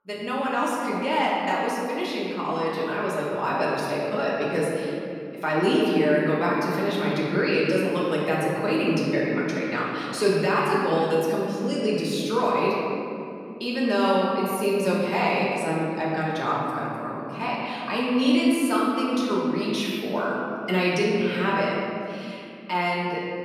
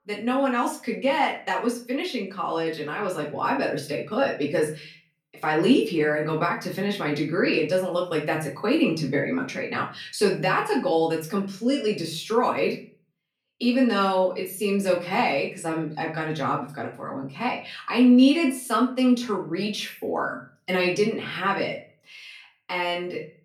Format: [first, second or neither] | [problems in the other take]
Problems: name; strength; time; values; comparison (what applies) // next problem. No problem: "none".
second | room echo; strong; dies away in 2.5 s; slight in the second // off-mic speech; far; far in the second